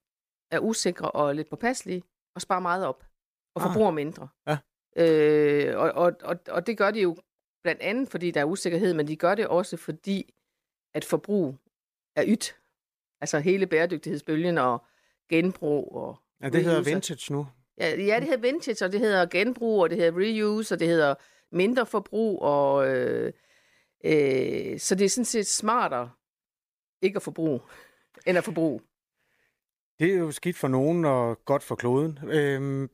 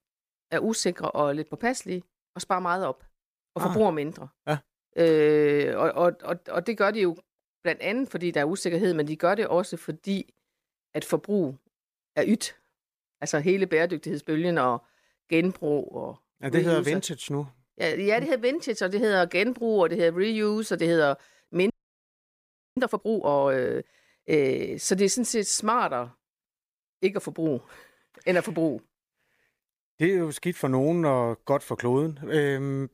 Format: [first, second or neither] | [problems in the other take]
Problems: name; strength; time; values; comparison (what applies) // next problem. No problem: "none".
first | audio freezing; at 22 s for 1 s